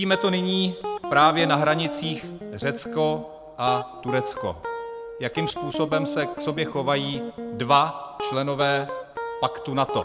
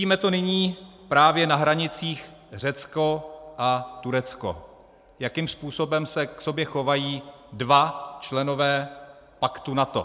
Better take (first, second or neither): second